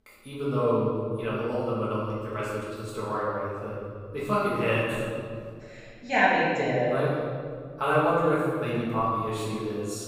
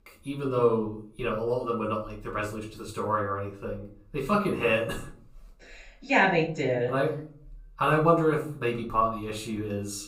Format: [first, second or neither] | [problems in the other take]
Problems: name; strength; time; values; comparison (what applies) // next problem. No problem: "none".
second | room echo; strong; dies away in 1.9 s; slight in the second // off-mic speech; far; far in the second